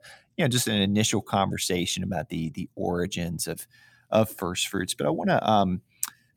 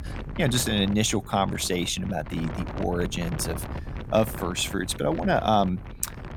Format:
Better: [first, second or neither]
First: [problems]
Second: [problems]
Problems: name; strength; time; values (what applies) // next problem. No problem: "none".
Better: first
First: none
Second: wind noise on the microphone; occasional gusts; 15 dB below the speech